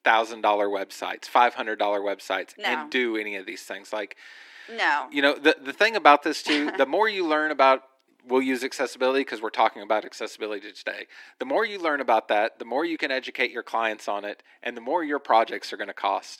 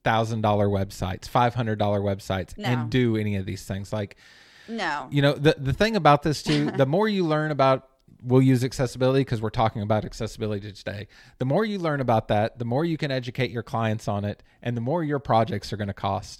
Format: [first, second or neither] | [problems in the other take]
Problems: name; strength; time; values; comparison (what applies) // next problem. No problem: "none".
second | thin; somewhat; fading below 300 Hz